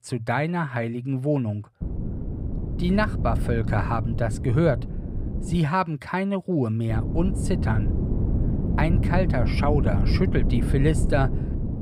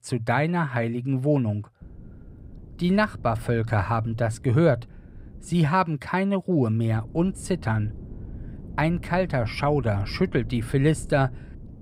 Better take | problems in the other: second | wind noise on the microphone; heavy; from 2 to 5.5 s and from 7 s on; 9 dB below the speech; occasional gusts in the second

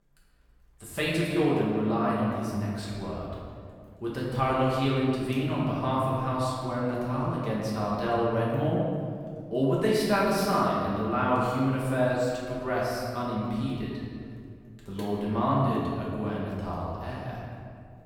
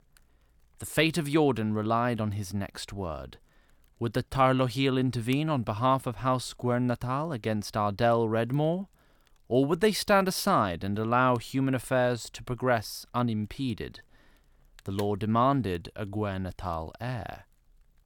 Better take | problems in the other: second | room echo; strong; dies away in 2 s // off-mic speech; far

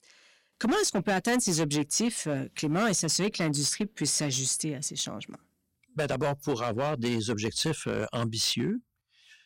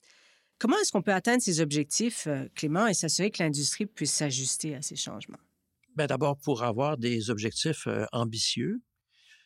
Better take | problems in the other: second | distortion; slight; 7% of the sound clipped

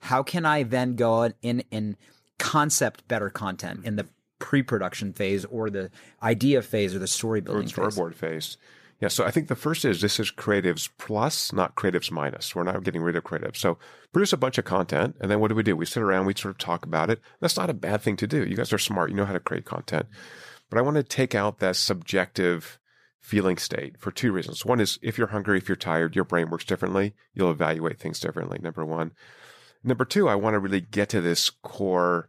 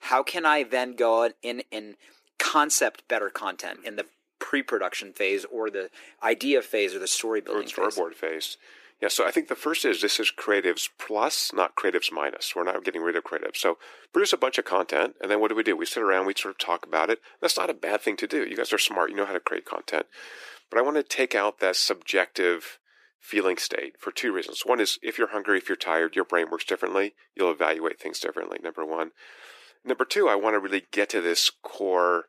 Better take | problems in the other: first | thin; somewhat; fading below 300 Hz

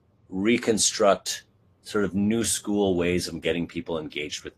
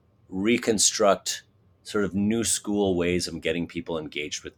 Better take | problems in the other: second | garbled, watery; slightly; nothing above 12 kHz

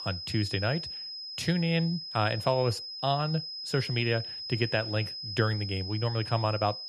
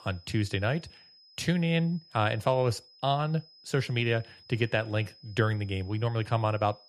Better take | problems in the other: second | high-pitched whine; loud; throughout; 5 kHz, 6 dB below the speech; faint in the second

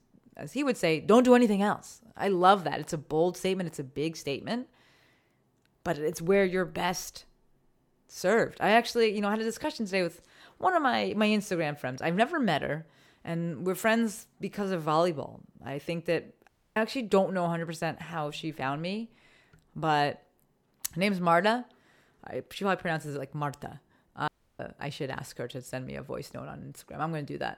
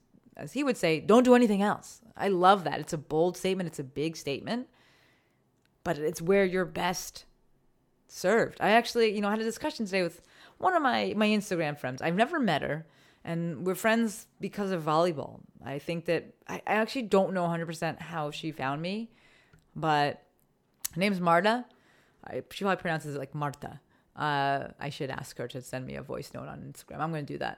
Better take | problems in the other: second | audio cutting out; at 16 s and at 24 s

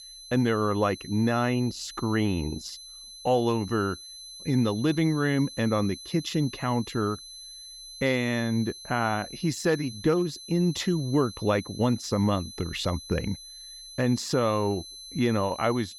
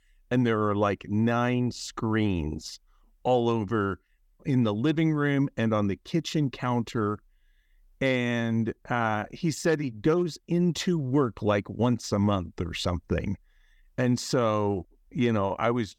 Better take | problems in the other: second | high-pitched whine; noticeable; throughout; 4 kHz, 15 dB below the speech

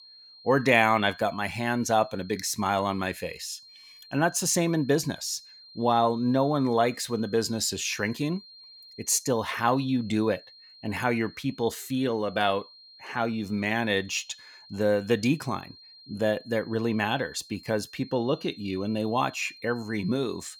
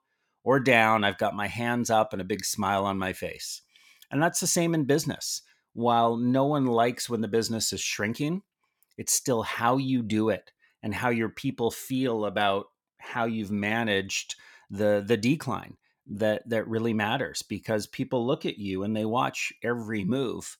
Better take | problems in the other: second | high-pitched whine; faint; throughout; 4 kHz, 20 dB below the speech

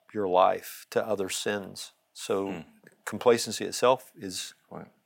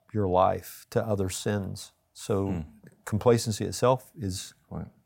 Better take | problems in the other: second | thin; somewhat; fading below 300 Hz

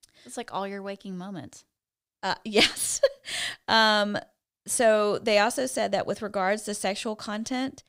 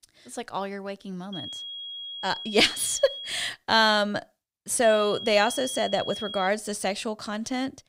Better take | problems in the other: first | high-pitched whine; loud; from 1.5 to 3.5 s and from 5 to 6.5 s; 3.5 kHz, 10 dB below the speech

